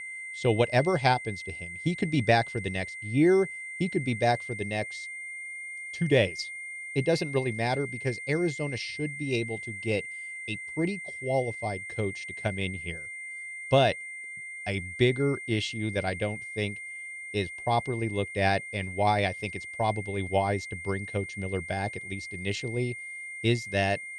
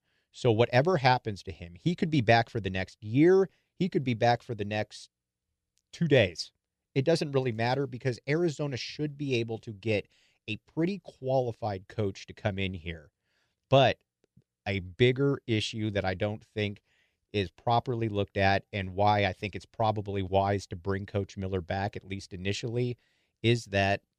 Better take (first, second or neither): second